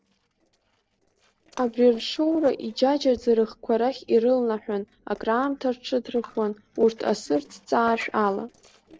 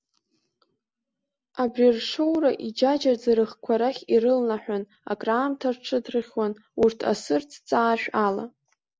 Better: second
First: noise reduction (neural separator model SepFormer DNS4)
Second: none

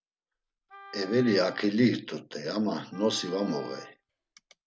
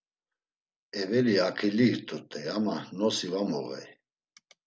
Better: second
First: background sound (Wind instrument, woodwind instrument); 20 dB below the speech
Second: none

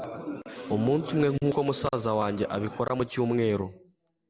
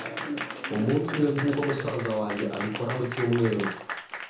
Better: first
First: none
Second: background sound (Applause / Crowd); 9 dB below the speech // room echo; dies away in 0.6 s

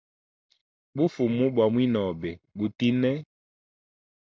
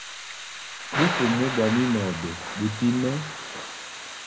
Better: first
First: none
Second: background sound (Thunder / Rain); 5 dB below the speech // room echo; dies away in 0.3 s

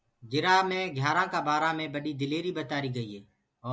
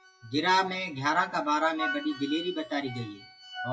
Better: first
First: none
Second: noise reduction (classical method WPE with log-MMSE)

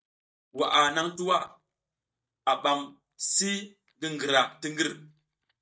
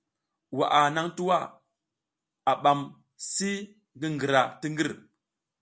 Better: second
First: noise reduction (neural mask model DeepFilterNet 3)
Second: none

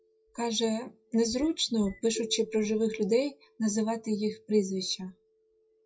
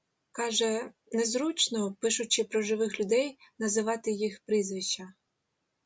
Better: second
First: noise reduction (classical method WPE with log-MMSE)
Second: none

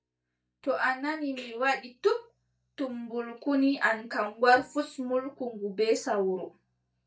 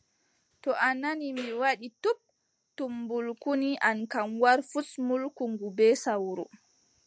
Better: second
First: noise reduction (neural mask model DeepFilterNet 3)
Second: none

